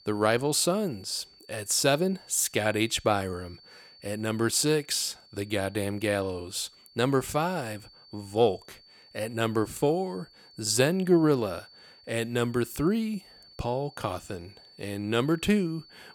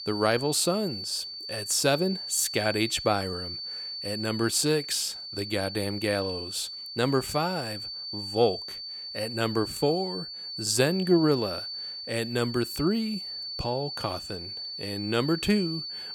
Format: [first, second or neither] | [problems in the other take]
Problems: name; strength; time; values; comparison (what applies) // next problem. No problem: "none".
first | high-pitched whine; loud; throughout; 4.5 kHz, 7 dB below the speech; faint in the first